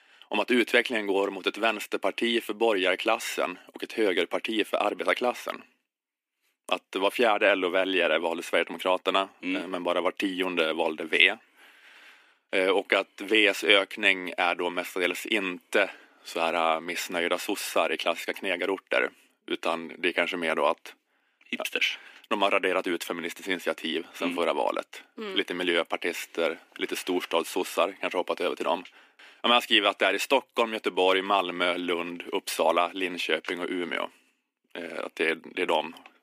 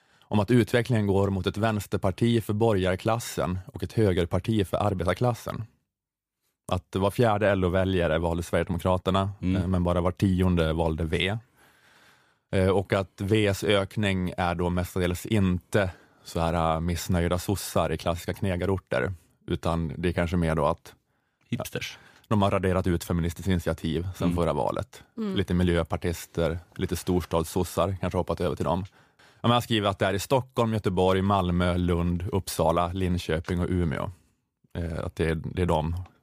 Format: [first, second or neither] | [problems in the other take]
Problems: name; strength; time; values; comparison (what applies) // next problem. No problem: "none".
second | thin; somewhat; fading below 250 Hz